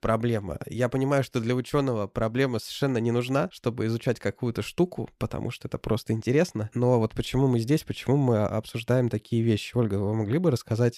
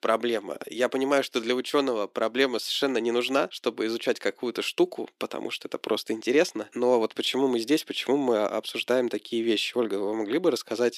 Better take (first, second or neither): first